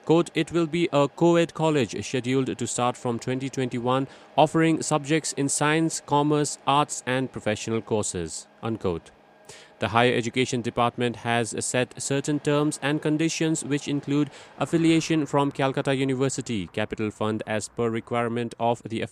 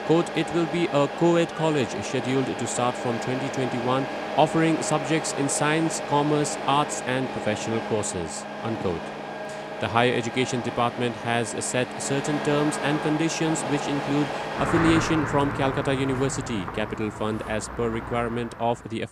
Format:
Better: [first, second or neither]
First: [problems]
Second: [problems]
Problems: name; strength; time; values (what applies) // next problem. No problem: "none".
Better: first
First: traffic noise; faint; throughout; 25 dB below the speech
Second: traffic noise; loud; throughout; 6 dB below the speech